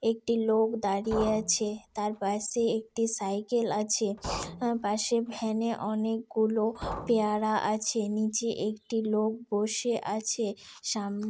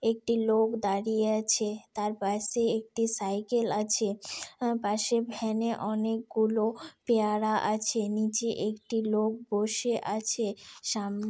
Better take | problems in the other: second | background sound (Liquid); 14 dB below the speech

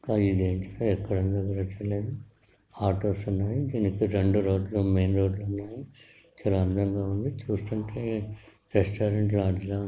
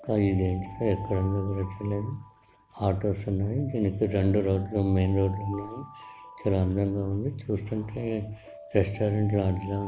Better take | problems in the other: first | background sound (Alarm); 18 dB below the speech

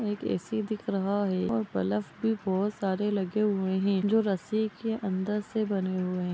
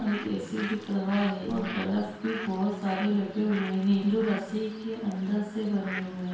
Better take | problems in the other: first | background sound (Bird); 13 dB below the speech // room echo; dies away in 0.7 s

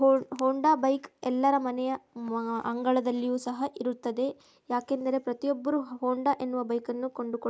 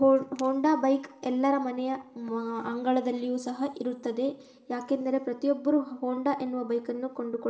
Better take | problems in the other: first | room echo; dies away in 1.3 s

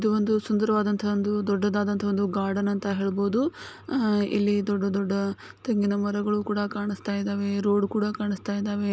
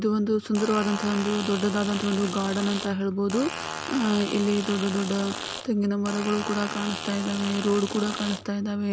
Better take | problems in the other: first | background sound (Fart); 9 dB below the speech

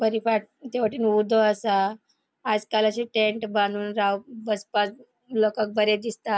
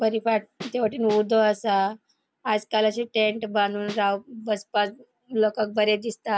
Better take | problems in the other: first | background sound (Snare drum); 15 dB below the speech

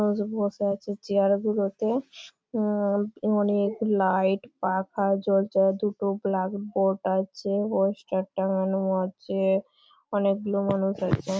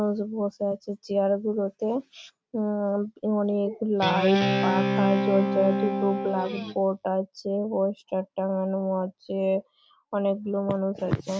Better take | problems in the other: first | background sound (Guitar); 1 dB above the speech

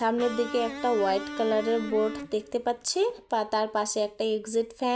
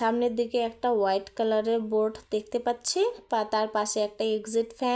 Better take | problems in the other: second | background sound (Electric guitar); 11 dB below the speech

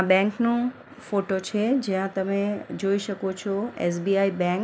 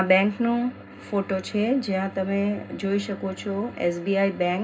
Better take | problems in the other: first | background sound (Bowed string instrument); 20 dB below the speech // room echo; dies away in 0.2 s

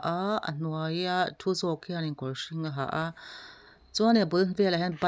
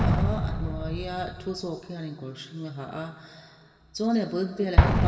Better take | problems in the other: first | background sound (Explosion); 4 dB above the speech // room echo; dies away in 2.1 s

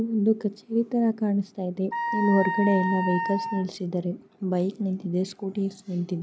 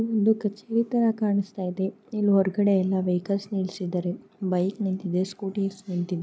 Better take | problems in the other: second | background sound (Wind instrument, woodwind instrument); 3 dB below the speech

